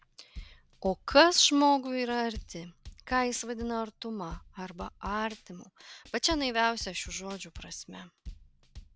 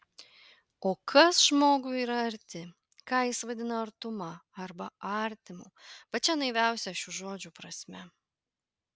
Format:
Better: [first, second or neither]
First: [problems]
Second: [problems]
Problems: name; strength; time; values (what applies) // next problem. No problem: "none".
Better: second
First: background sound (Drum / Drum kit); 18 dB below the speech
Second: none